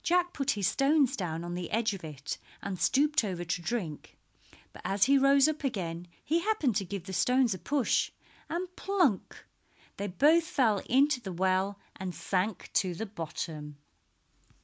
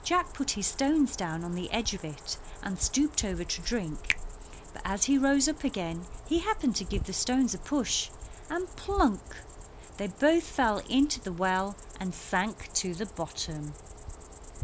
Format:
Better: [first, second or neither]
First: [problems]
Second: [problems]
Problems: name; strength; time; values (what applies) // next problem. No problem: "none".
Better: first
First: none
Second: background sound (Finger snapping + Cricket); 11 dB below the speech